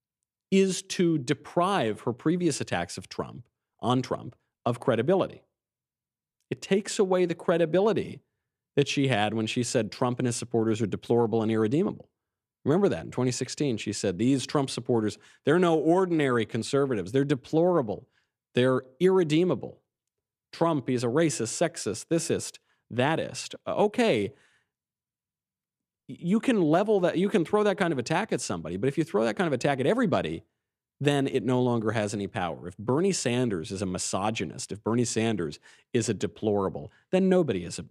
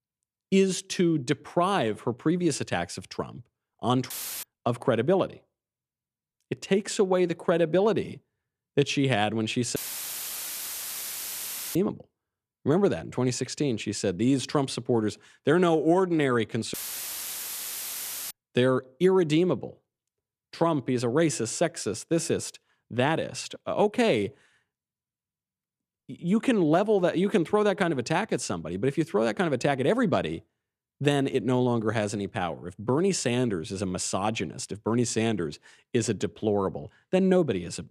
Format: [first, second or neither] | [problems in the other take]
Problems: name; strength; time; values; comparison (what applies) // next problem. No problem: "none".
first | audio cutting out; filled with static; at 4 s, at 10 s for 2 s and at 17 s for 1.5 s